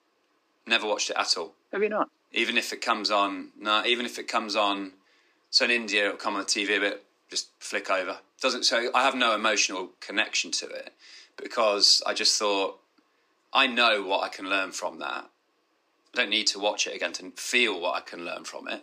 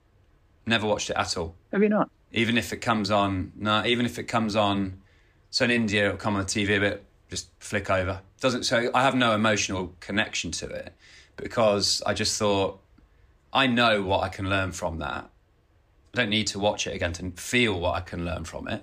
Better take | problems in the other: second | thin; somewhat; fading below 300 Hz

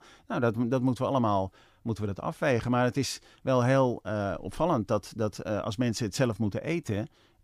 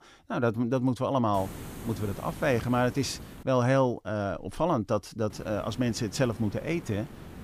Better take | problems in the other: first | hiss; noticeable; from 1.5 to 3.5 s and from 5.5 s on; 15 dB below the speech

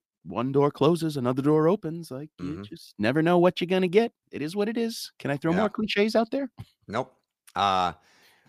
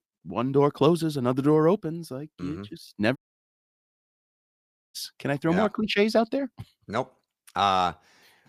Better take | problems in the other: first | audio cutting out; at 3 s for 2 s

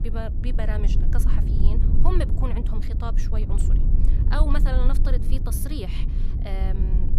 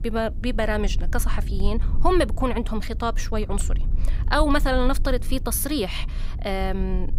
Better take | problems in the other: second | low rumble; loud; throughout; 5 dB below the speech; faint in the second

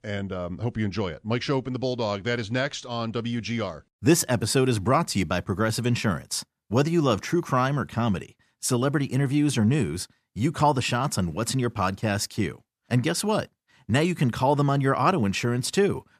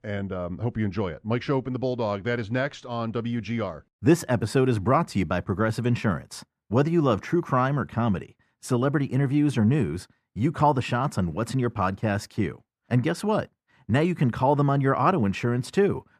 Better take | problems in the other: first | muffled; slightly; fading above 3 kHz

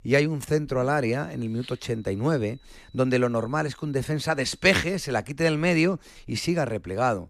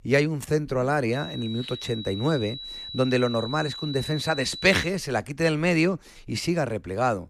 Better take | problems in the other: first | high-pitched whine; loud; from 1 to 5 s; 4 kHz, 10 dB below the speech; faint in the first

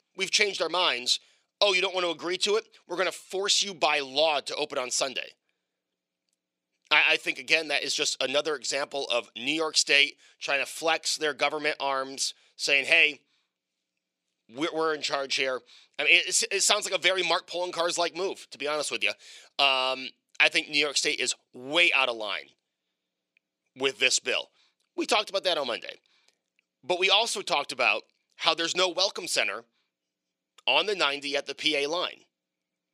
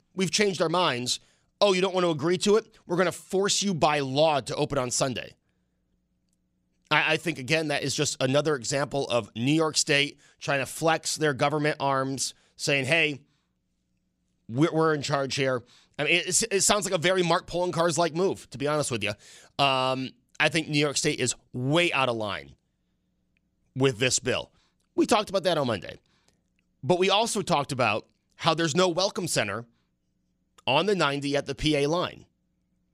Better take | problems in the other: second | thin; somewhat; fading below 450 Hz

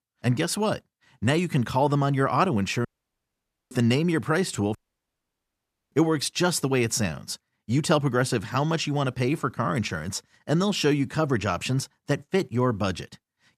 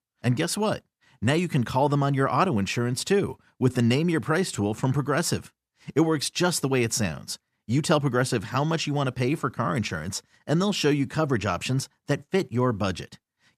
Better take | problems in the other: second | audio cutting out; at 3 s for 1 s and at 5 s for 1 s

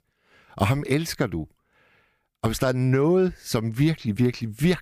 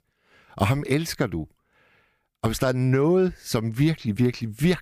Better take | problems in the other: neither | none

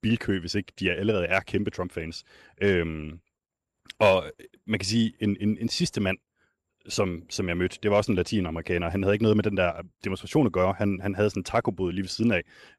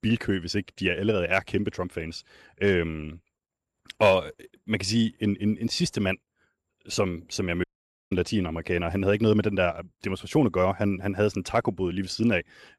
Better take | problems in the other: first | audio cutting out; at 7.5 s

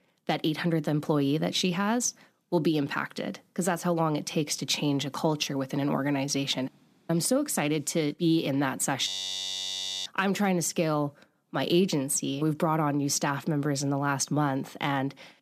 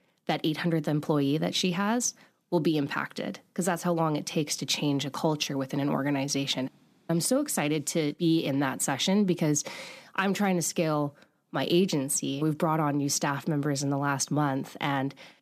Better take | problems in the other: second | audio freezing; at 9 s for 1 s

